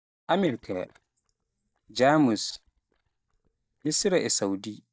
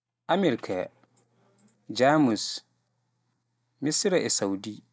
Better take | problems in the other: second | noise reduction (neural mask model DeepFilterNet 3)

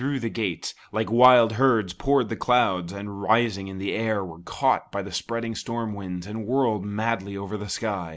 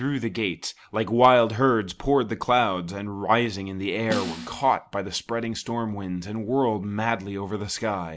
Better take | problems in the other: first | background sound (Snare drum); 10 dB below the speech

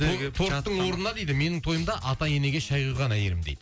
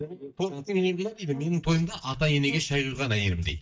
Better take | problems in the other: first | noise reduction (neural mask model DeepFilterNet 3)

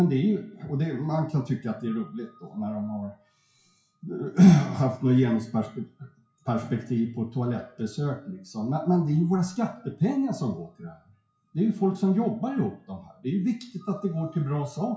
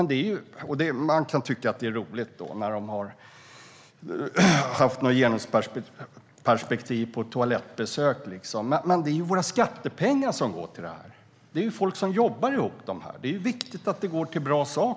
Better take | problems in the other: second | noise reduction (classical method WPE with log-MMSE)

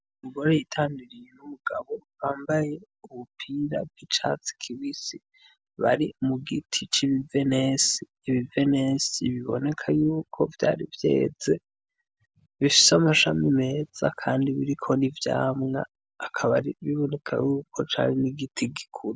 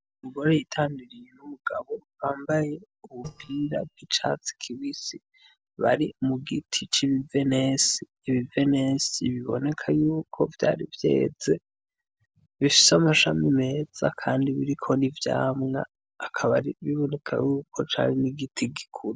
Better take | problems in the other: first | noise reduction (neural separator model SepFormer DNS4)

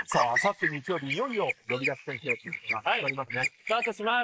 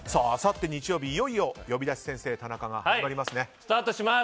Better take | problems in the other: second | noise reduction (neural mask model Resemble Enhance denoiser)

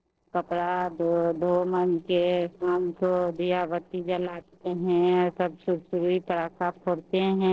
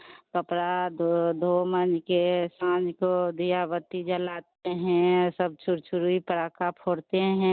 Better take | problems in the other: second | noise reduction (neural separator model SepFormer DNS4)

